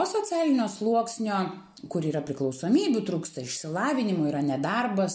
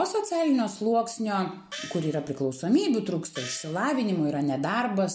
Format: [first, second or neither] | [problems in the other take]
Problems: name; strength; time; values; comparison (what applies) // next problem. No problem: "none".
first | background sound (Gong); 15 dB below the speech